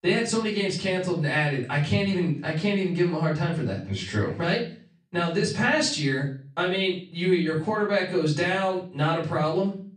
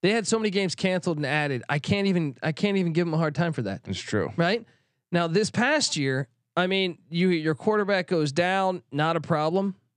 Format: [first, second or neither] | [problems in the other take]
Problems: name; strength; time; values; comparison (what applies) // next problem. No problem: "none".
second | off-mic speech; far // room echo; slight; dies away in 0.4 s